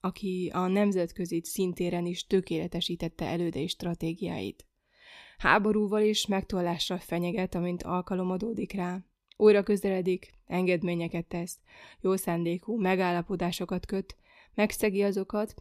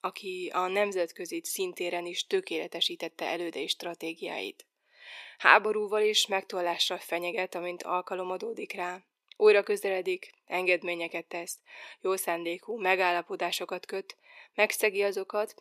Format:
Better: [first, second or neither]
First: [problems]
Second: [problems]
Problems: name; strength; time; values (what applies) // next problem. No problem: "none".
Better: first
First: none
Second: thin; very; fading below 450 Hz